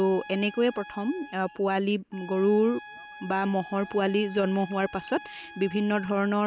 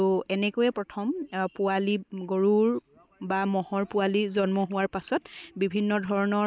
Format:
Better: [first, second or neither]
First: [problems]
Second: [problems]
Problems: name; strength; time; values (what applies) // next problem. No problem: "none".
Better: second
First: background sound (Trumpet); 18 dB below the speech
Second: none